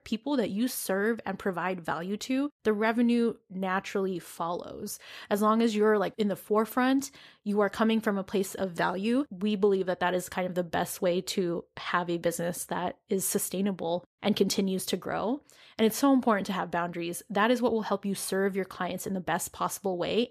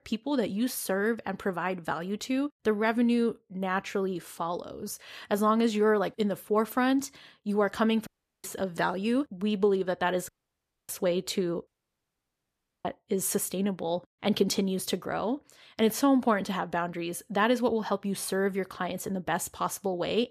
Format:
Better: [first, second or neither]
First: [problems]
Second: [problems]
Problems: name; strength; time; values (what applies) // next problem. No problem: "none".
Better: first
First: none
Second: audio cutting out; at 8 s, at 10 s for 0.5 s and at 12 s for 1 s